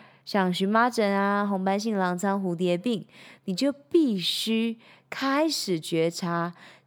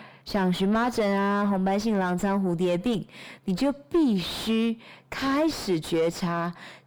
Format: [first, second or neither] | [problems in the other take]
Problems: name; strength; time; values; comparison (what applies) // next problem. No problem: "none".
first | distortion; heavy; 5 dB below the speech